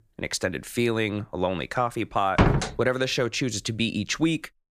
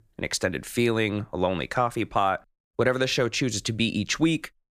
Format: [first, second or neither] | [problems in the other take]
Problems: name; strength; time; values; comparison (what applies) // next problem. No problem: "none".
second | door banging; loud; at 2.5 s; peak 5 dB above the speech